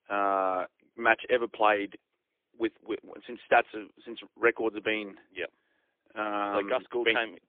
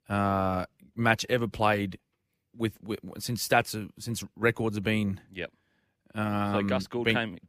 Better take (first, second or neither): second